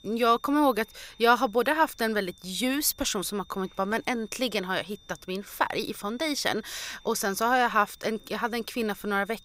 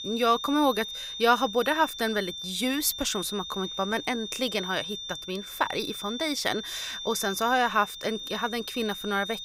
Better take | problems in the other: first | high-pitched whine; loud; throughout; 3.5 kHz, 7 dB below the speech; faint in the first

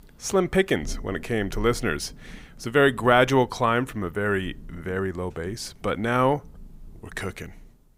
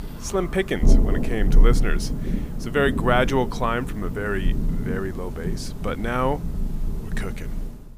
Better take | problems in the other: first | rain or running water; loud; throughout; 1 dB below the speech; faint in the first

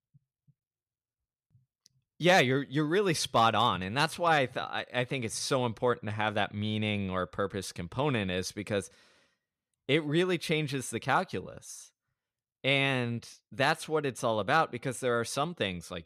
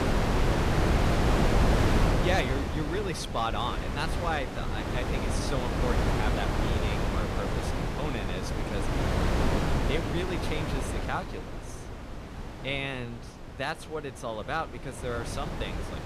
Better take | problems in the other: first | wind noise on the microphone; heavy; 2 dB above the speech

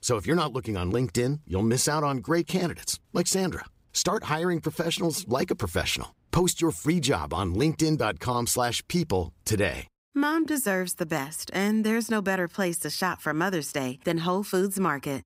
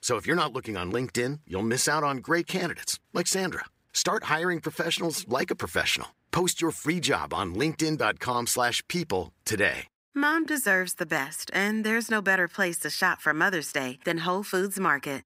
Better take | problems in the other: first | thin; very slightly; fading below 450 Hz

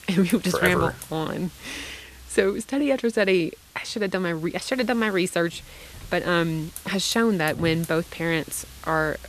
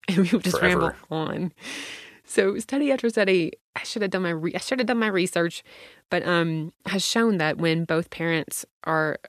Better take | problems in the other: second | hiss; noticeable; throughout; 15 dB below the speech

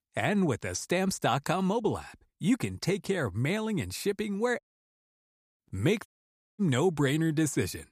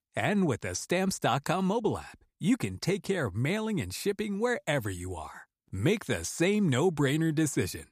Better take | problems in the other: second | audio cutting out; at 4.5 s for 1 s and at 6 s for 0.5 s

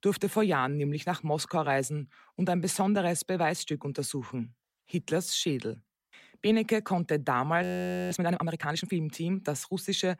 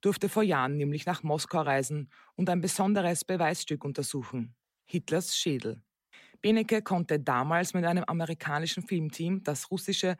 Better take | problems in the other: second | audio freezing; at 7.5 s

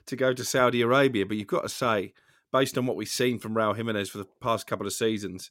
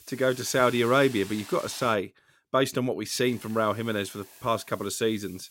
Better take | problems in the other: first | hiss; noticeable; until 2 s and from 3.5 s on; 20 dB below the speech

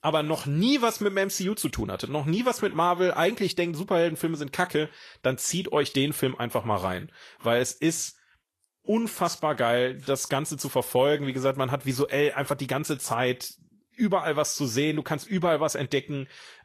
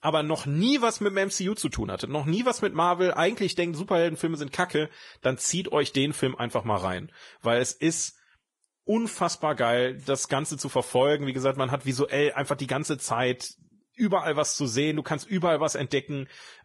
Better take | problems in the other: first | garbled, watery; badly; nothing above 11 kHz; slightly in the first

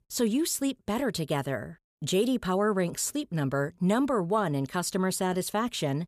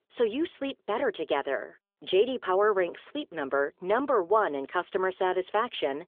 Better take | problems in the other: first | phone-call audio; nothing above 3.5 kHz

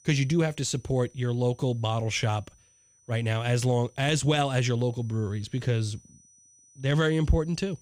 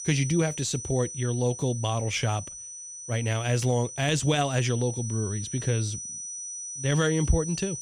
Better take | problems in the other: first | high-pitched whine; loud; throughout; 6 kHz, 8 dB below the speech; faint in the first

